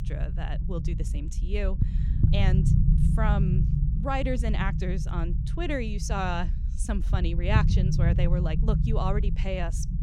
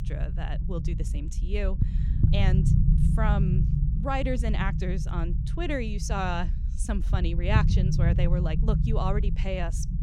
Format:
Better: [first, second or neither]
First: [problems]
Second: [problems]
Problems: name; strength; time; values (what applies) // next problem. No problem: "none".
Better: neither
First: low rumble; loud; throughout; 7 dB below the speech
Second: low rumble; loud; throughout; 7 dB below the speech